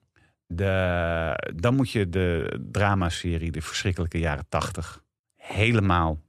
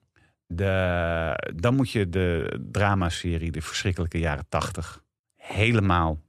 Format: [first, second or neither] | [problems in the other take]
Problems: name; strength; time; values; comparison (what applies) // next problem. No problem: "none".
neither | none